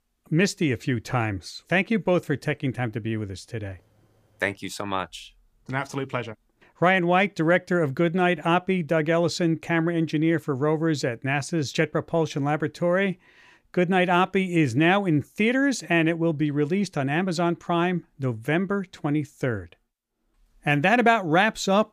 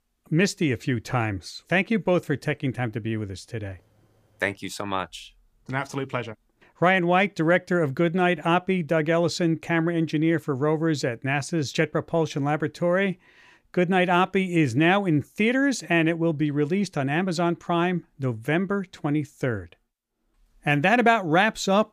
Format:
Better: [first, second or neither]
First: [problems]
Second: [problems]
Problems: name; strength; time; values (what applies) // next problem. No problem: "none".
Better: neither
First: none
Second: none